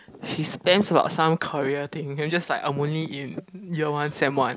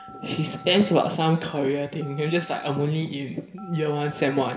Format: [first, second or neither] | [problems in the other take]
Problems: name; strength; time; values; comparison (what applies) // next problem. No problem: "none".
first | background sound (Telephone); 20 dB below the speech // room echo; dies away in 0.7 s